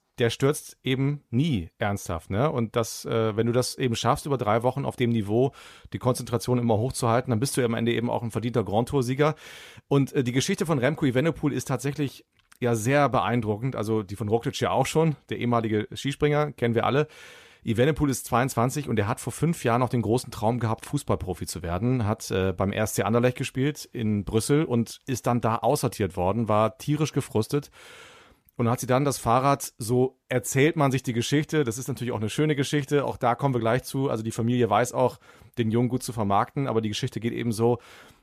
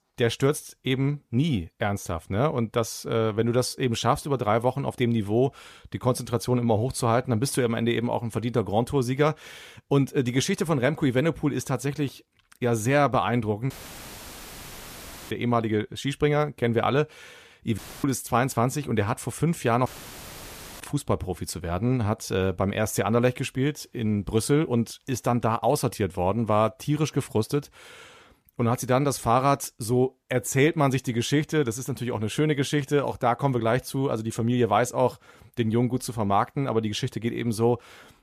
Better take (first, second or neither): first